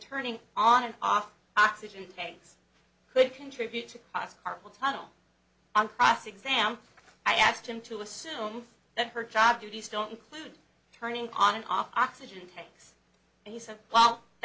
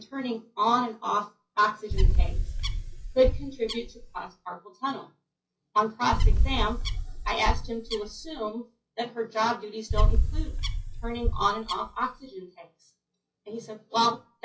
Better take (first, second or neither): first